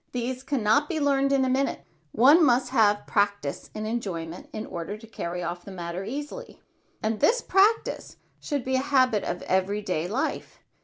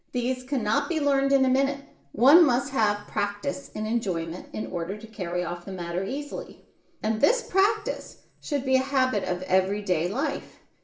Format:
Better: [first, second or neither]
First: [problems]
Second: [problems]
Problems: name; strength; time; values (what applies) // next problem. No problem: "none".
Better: first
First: none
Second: room echo; dies away in 0.5 s